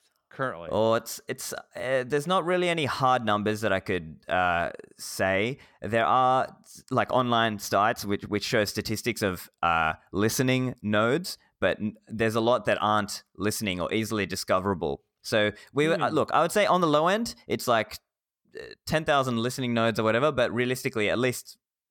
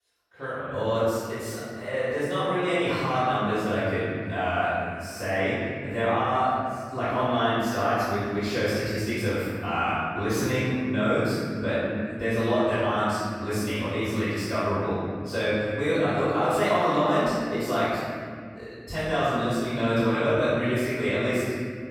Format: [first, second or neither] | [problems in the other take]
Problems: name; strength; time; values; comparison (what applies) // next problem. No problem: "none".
first | off-mic speech; far // room echo; strong; dies away in 2.5 s